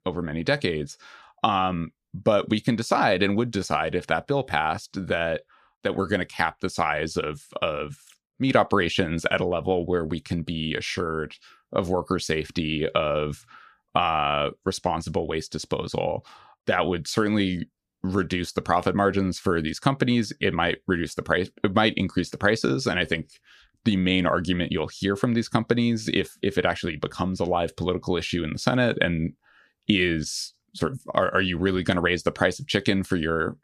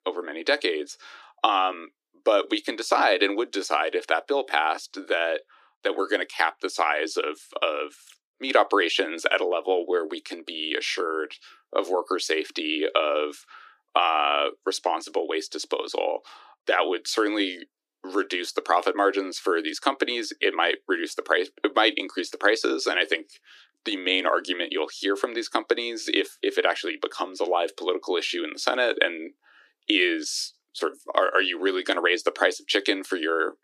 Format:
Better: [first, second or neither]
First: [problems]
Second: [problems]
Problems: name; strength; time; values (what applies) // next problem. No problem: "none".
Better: first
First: none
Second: thin; somewhat; fading below 300 Hz